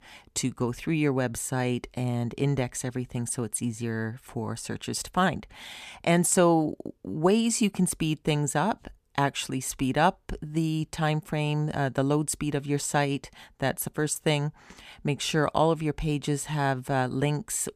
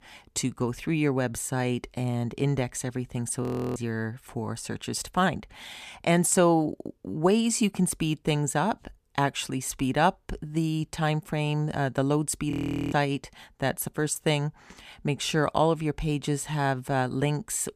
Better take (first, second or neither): first